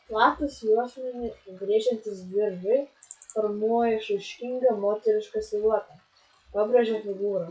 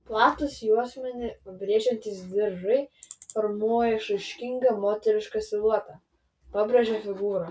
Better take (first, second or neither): second